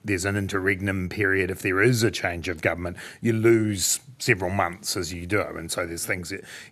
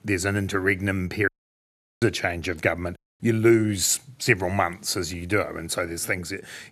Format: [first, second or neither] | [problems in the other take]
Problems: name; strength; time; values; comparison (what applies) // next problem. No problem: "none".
first | audio cutting out; at 1.5 s for 0.5 s and at 3 s